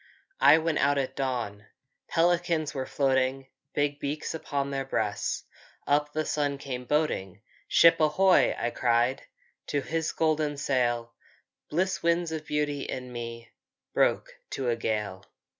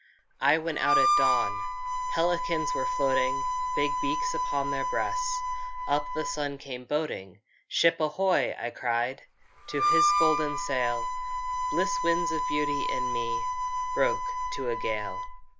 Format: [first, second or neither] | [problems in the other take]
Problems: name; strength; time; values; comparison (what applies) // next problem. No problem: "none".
first | background sound (Harmonica); 1 dB above the speech